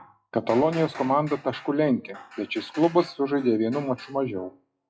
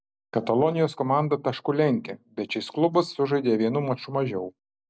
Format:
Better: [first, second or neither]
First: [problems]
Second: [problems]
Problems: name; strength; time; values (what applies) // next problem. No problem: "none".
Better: second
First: noise reduction (classical method WPE with log-MMSE)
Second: none